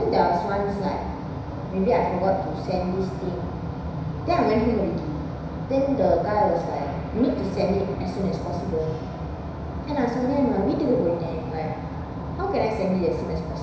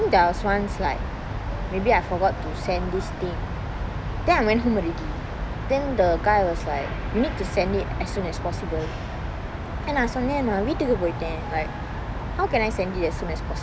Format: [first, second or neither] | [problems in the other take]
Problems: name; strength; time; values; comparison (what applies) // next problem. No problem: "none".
second | room echo; dies away in 1 s